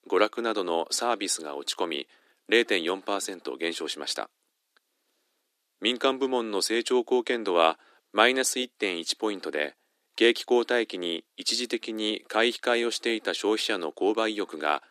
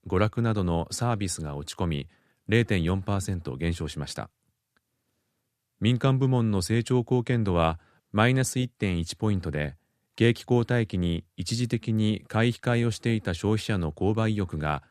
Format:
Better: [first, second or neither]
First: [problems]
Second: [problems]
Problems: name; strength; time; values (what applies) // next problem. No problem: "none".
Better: second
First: thin; very; fading below 300 Hz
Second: none